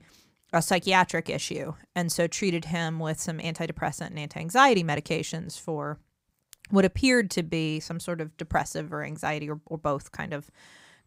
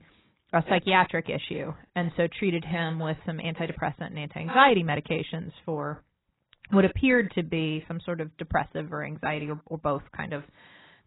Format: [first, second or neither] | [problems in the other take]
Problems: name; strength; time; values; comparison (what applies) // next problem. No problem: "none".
first | garbled, watery; badly; nothing above 4 kHz